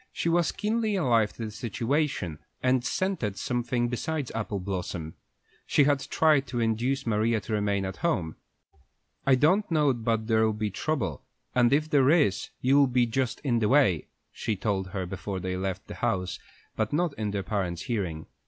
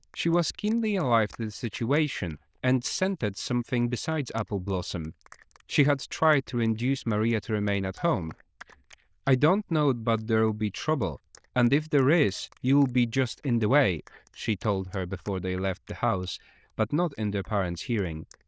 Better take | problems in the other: first | noise reduction (neural diffusion model UNIVERSE++)

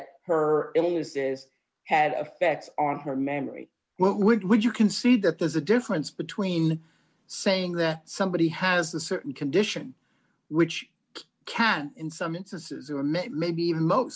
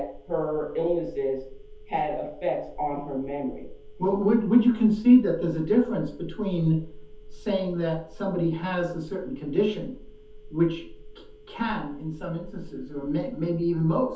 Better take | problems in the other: first | background sound (Telephone); 17 dB below the speech // room echo; dies away in 0.5 s

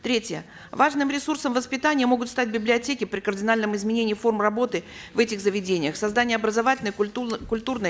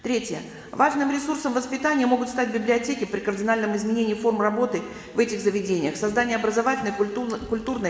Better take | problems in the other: first | room echo; dies away in 2.4 s

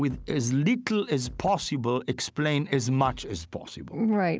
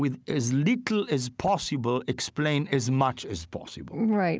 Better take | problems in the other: second | background sound (Bass drum); 19 dB below the speech

